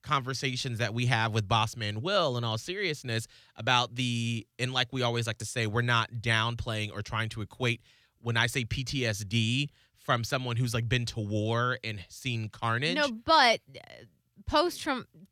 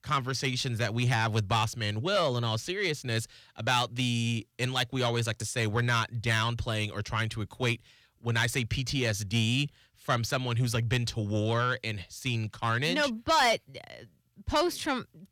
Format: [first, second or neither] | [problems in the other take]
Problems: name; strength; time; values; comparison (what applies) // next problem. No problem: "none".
first | distortion; slight; 10 dB below the speech